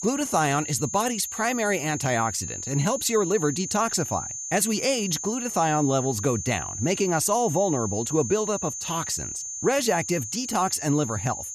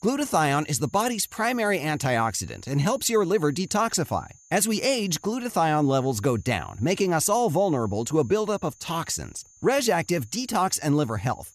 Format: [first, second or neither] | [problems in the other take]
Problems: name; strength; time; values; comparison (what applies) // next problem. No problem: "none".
second | high-pitched whine; loud; throughout; 6.5 kHz, 6 dB below the speech; faint in the second